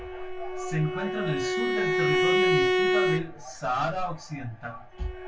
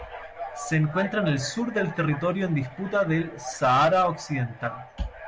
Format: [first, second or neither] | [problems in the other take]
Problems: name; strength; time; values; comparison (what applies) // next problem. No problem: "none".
second | background sound (Bowed string instrument); 4 dB above the speech // room echo; dies away in 0.2 s